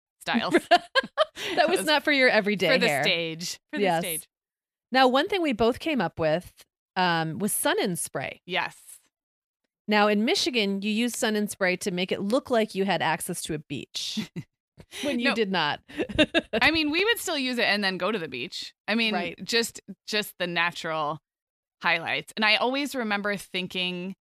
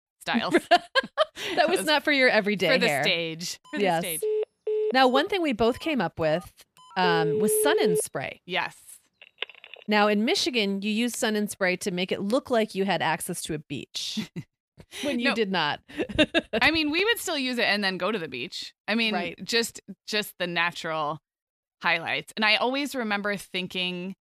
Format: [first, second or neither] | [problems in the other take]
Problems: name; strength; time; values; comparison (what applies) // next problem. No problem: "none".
first | phone ringing; loud; from 4 to 10 s; peak 1 dB above the speech